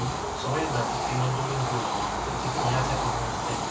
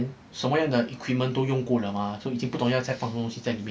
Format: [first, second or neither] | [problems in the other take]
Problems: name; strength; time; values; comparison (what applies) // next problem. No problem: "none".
second | background sound (Train / Bird vocalization, bird call, bird song); 2 dB above the speech // room echo; dies away in 0.2 s